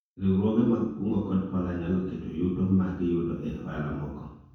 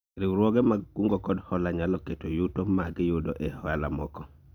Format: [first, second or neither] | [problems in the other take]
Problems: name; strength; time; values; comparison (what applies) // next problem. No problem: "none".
second | room echo; dies away in 0.6 s